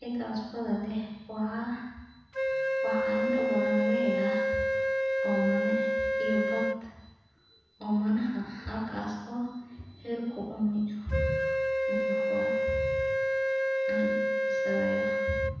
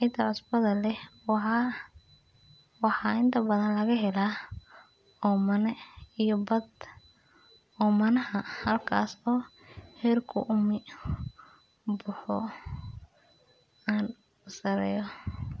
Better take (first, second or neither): second